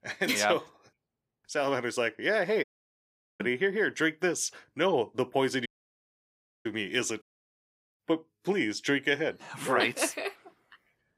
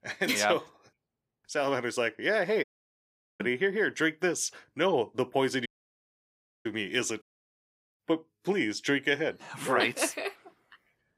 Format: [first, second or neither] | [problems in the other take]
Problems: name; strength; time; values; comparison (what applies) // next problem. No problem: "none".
neither | audio cutting out; at 2.5 s for 1 s, at 5.5 s for 1 s and at 7 s for 0.5 s; the same in both